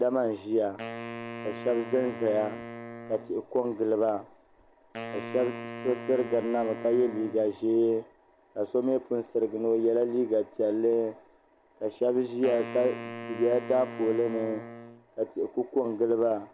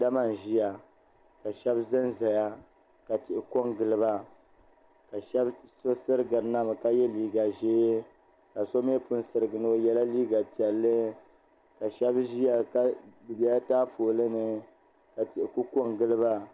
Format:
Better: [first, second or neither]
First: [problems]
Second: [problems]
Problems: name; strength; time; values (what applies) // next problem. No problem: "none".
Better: second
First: background sound (Wind instrument, woodwind instrument); 12 dB below the speech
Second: none